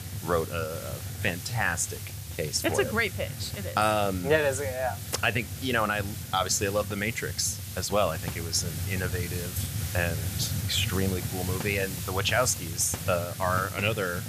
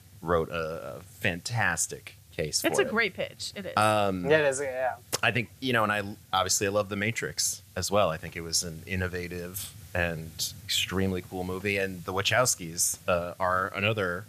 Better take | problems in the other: second | hiss; loud; throughout; 6 dB below the speech; faint in the second

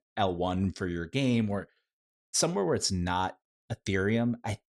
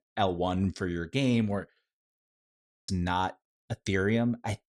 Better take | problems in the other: first | audio cutting out; at 2.5 s for 0.5 s

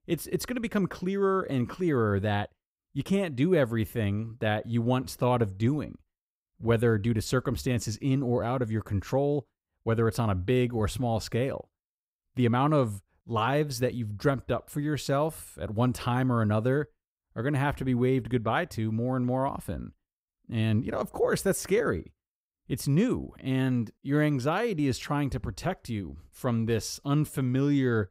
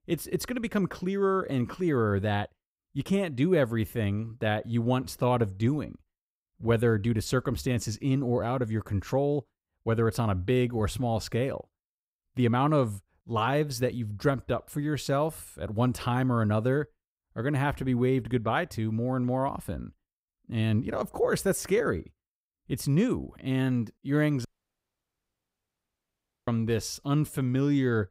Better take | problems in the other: first | audio cutting out; at 24 s for 2 s

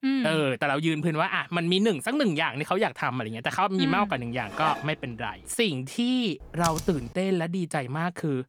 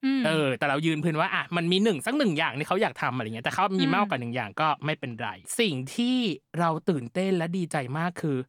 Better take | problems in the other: second | clattering dishes; noticeable; at 4.5 s; peak 6 dB below the speech // keyboard typing; noticeable; at 6.5 s; peak 7 dB below the speech

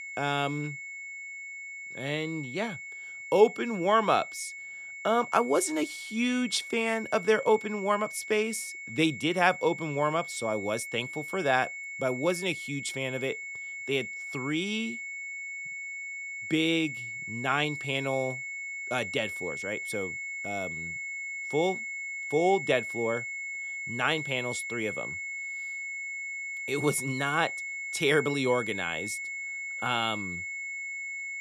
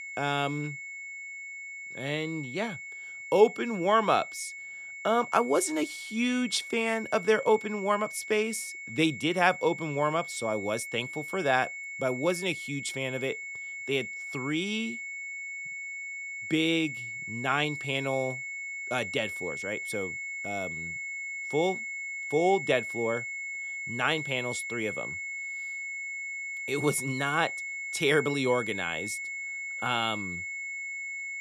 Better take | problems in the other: neither | high-pitched whine; loud; throughout; 2 kHz, 6 dB below the speech; the same in both

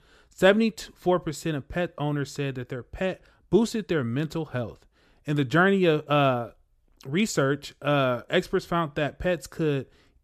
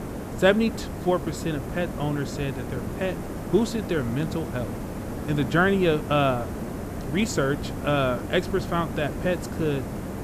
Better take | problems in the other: first | hiss; loud; throughout; 7 dB below the speech

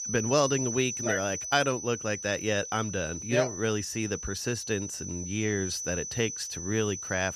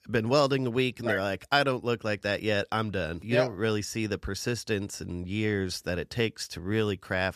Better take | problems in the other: second | high-pitched whine; loud; throughout; 6 kHz, 5 dB below the speech

